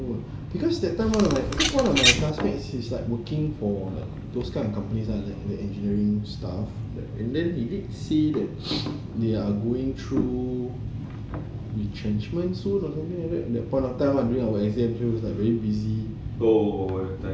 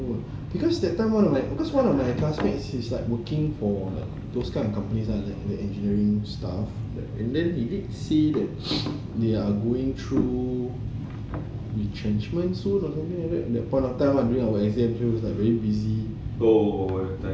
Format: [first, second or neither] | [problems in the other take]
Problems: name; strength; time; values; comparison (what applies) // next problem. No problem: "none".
second | background sound (Bird vocalization, bird call, bird song); 2 dB above the speech